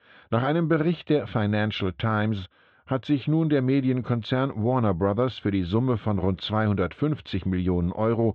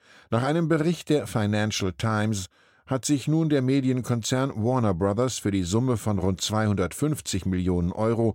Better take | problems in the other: second | muffled; very; fading above 3.5 kHz

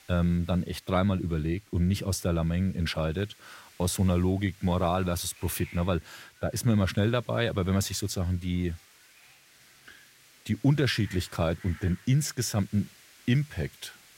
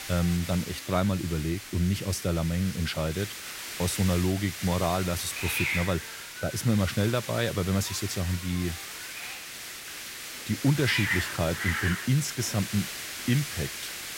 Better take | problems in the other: first | hiss; loud; throughout; 5 dB below the speech; faint in the first

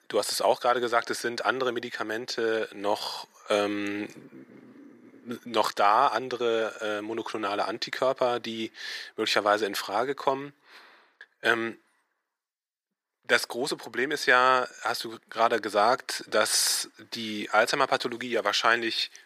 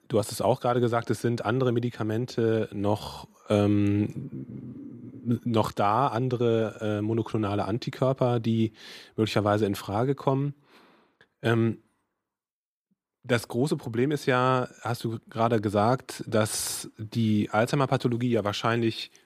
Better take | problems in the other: second | thin; very; fading below 500 Hz

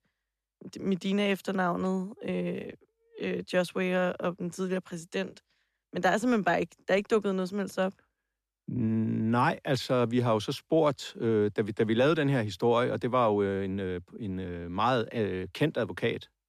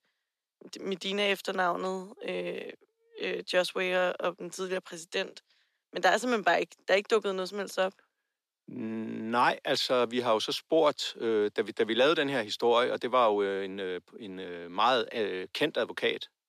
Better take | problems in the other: first | thin; somewhat; fading below 350 Hz

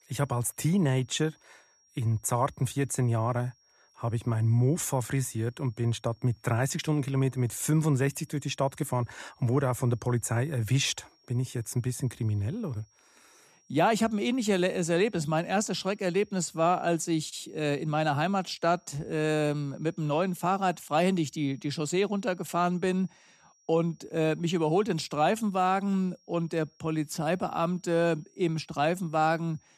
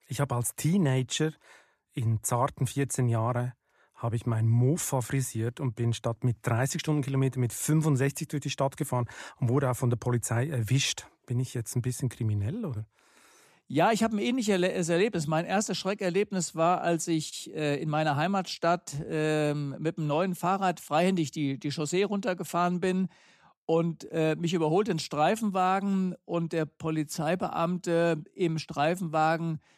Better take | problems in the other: second | high-pitched whine; faint; throughout; 5.5 kHz, 35 dB below the speech

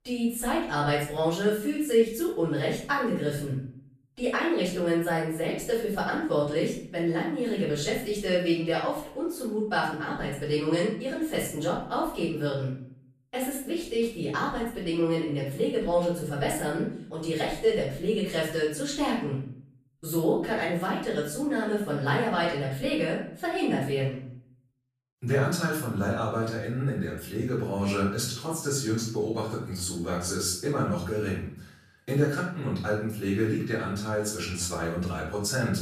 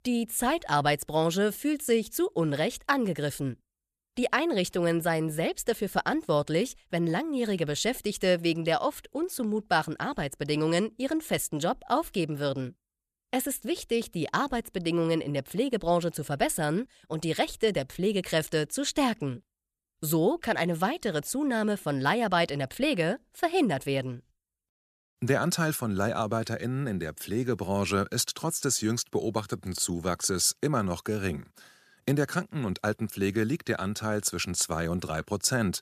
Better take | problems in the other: second | off-mic speech; far // room echo; noticeable; dies away in 0.5 s

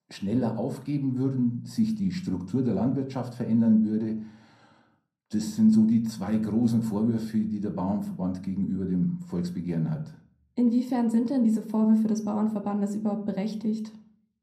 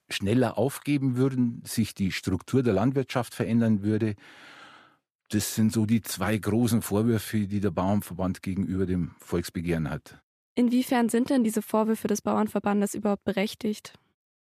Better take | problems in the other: second | room echo; slight; dies away in 0.6 s // off-mic speech; somewhat distant

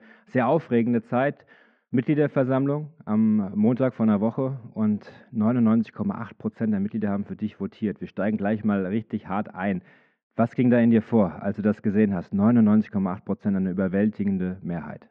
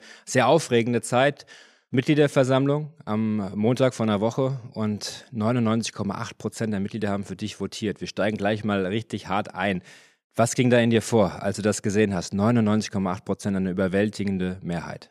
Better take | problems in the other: second | muffled; very; fading above 2 kHz

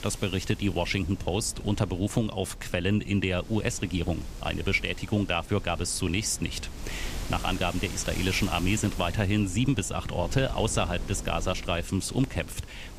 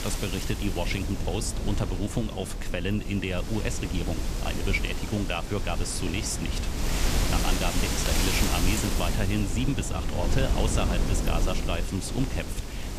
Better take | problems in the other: first | wind noise on the microphone; heavy; 2 dB below the speech; occasional gusts in the first

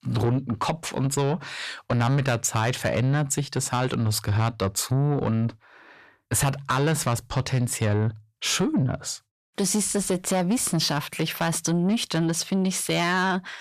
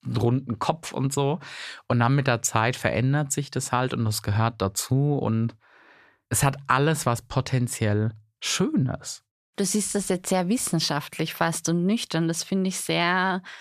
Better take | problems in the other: second | distortion; slight; 10 dB below the speech

